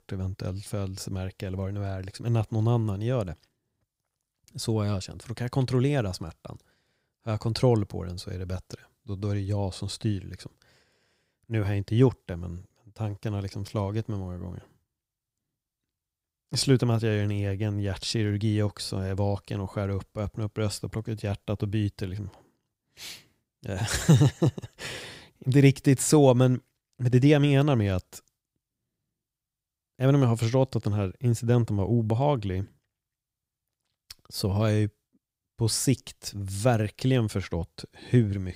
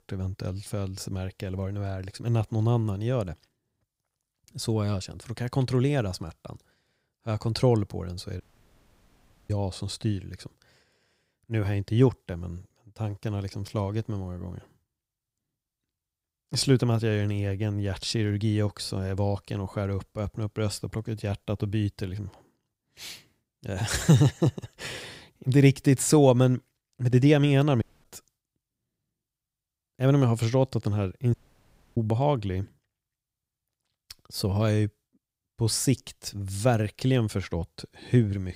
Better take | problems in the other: first | audio cutting out; at 8.5 s for 1 s, at 28 s and at 31 s for 0.5 s

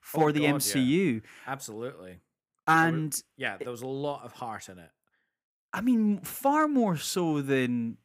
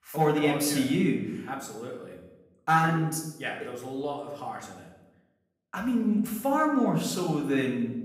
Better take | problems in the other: first | room echo; noticeable; dies away in 0.8 s // off-mic speech; far

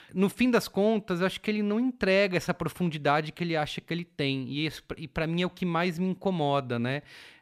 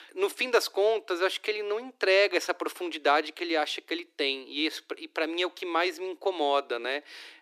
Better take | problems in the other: first | thin; very; fading below 300 Hz

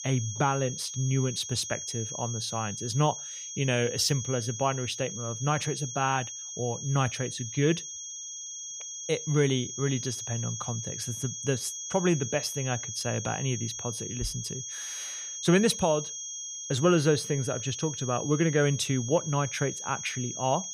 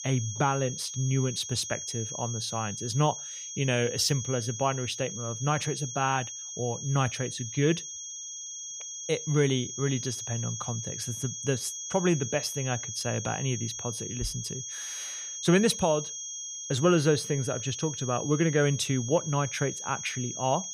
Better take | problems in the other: neither | high-pitched whine; loud; throughout; 6.5 kHz, 6 dB below the speech; the same in both

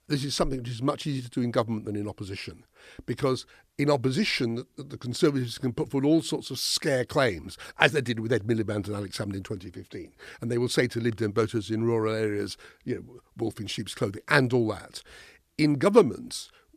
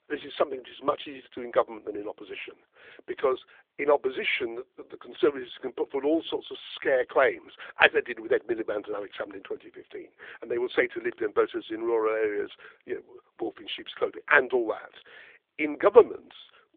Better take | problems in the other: first | phone-call audio

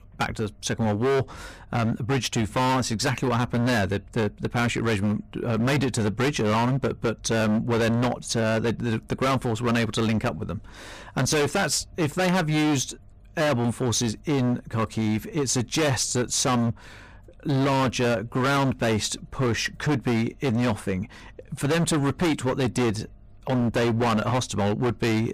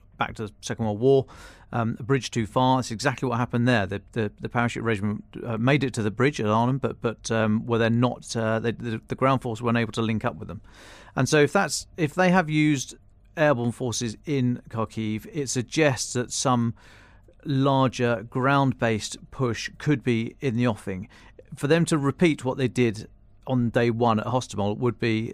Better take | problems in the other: second | distortion; heavy; 22% of the sound clipped

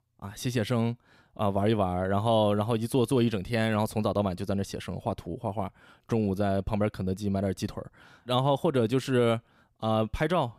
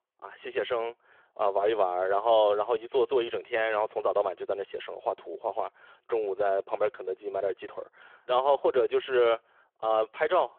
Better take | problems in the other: first | phone-call audio

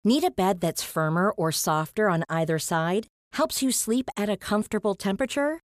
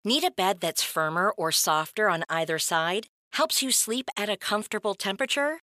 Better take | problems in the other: first | thin; somewhat; fading below 750 Hz

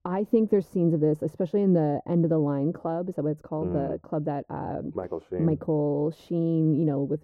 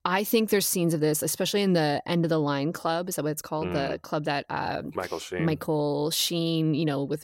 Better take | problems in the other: second | muffled; very; fading above 1.5 kHz

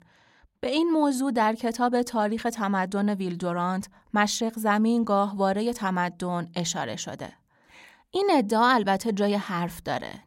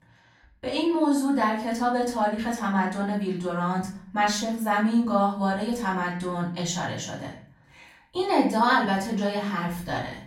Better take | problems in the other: first | room echo; slight; dies away in 0.5 s // off-mic speech; far

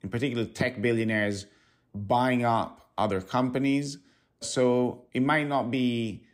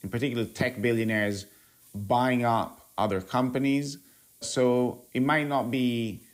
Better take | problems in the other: first | hiss; faint; throughout; 25 dB below the speech

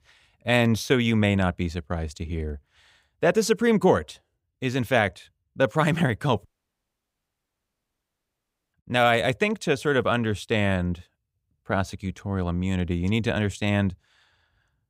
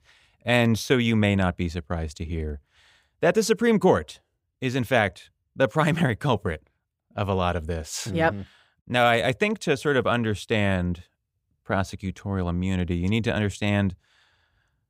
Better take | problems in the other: second | audio cutting out; at 6.5 s for 2.5 s

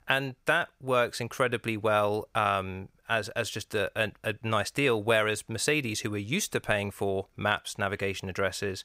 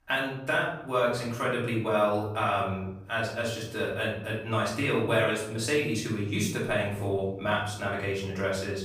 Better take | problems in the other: first | off-mic speech; far // room echo; noticeable; dies away in 1 s

